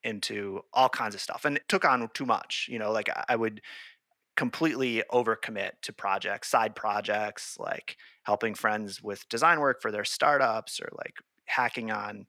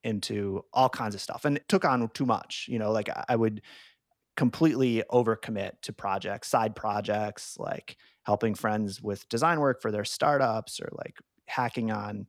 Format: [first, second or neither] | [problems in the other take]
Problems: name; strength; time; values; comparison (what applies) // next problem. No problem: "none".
second | thin; somewhat; fading below 450 Hz